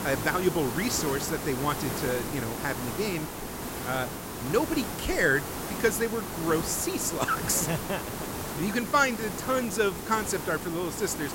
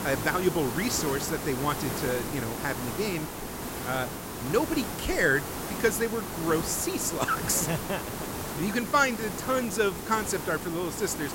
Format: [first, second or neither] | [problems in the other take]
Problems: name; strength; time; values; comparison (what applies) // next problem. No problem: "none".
neither | hiss; loud; throughout; 5 dB below the speech; the same in both